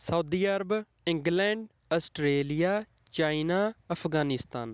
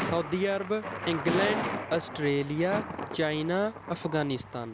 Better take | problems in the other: first | background sound (Thunder); 6 dB below the speech

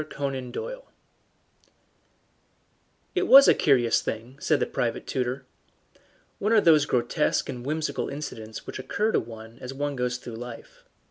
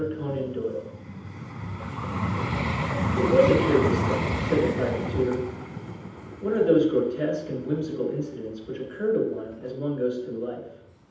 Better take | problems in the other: first | background sound (Vehicle); 4 dB below the speech // room echo; dies away in 0.8 s

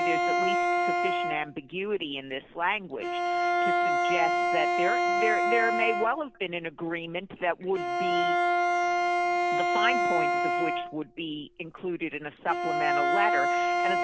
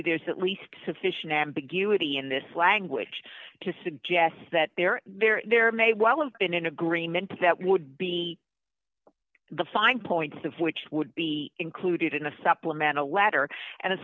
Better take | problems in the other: second | background sound (Bowed string instrument); 5 dB above the speech

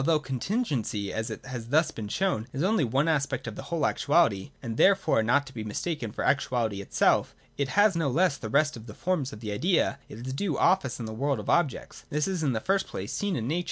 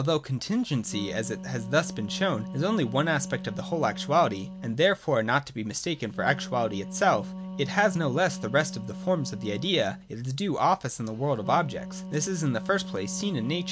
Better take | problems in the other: first | background sound (Wind instrument, woodwind instrument); 11 dB below the speech

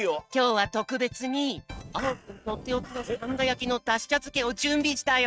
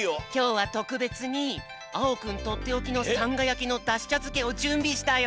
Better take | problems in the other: second | noise reduction (neural mask model RNNoise)

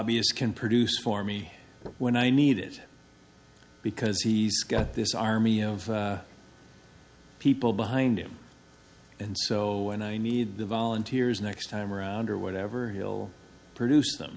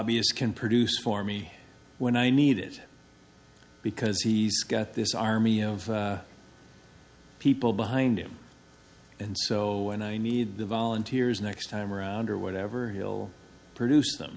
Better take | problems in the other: second | background sound (Slam / Car); 14 dB below the speech

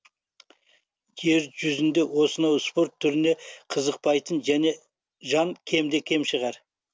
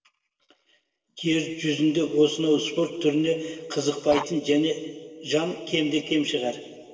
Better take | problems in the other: first | noise reduction (neural separator model SepFormer DNS4)

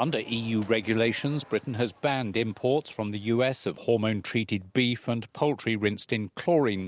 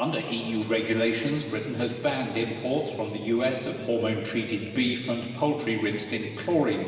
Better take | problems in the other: first | room echo; dies away in 2.7 s

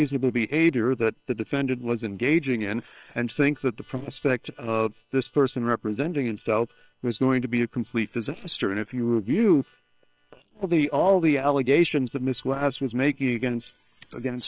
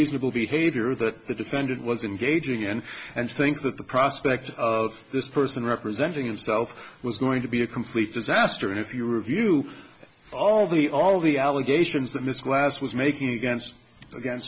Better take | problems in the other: second | noise reduction (neural separator model SepFormer WHAM!)

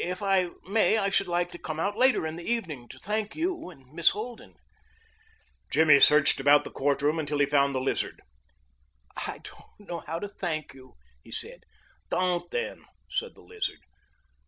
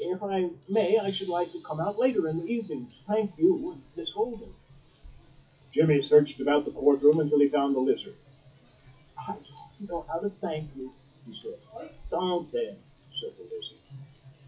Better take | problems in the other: first | noise reduction (classical method WPE with log-MMSE)

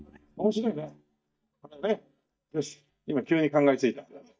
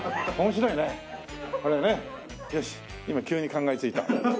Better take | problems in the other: second | noise reduction (neural mask model DeepFilterNet 3)

